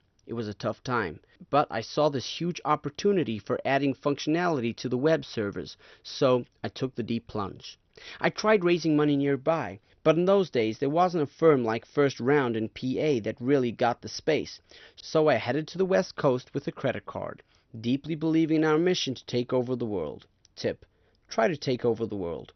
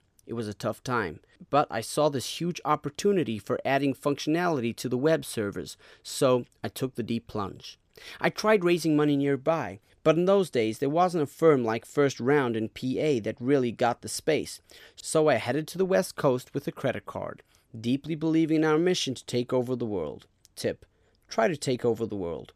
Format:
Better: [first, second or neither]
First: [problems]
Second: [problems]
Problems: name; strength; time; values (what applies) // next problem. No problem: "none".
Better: second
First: garbled, watery; slightly; nothing above 6 kHz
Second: none